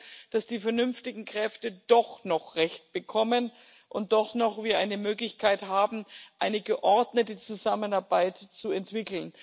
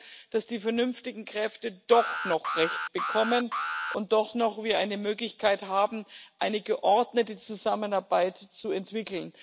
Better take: first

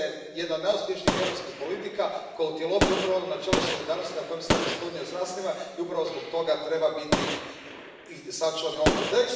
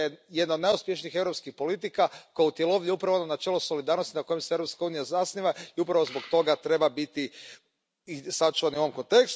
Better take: second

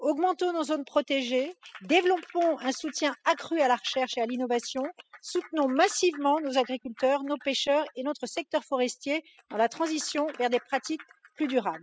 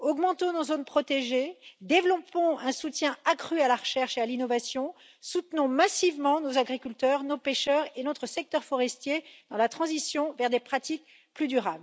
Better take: second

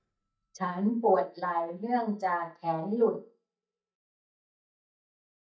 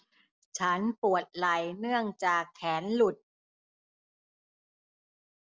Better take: second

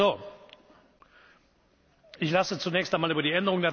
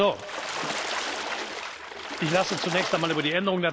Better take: first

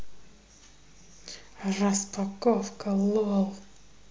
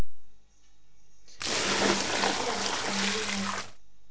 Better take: first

